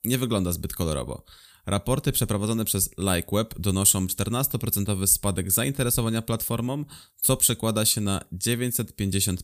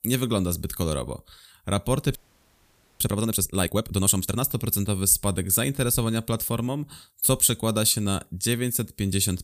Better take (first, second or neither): first